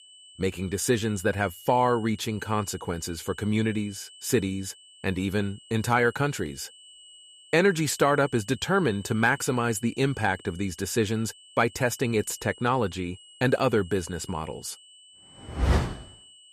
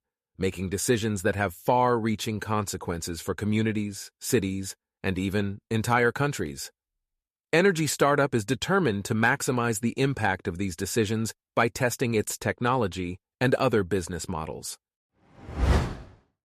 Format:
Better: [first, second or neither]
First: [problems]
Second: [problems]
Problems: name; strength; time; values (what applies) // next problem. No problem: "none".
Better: second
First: high-pitched whine; faint; throughout; 3 kHz, 20 dB below the speech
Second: none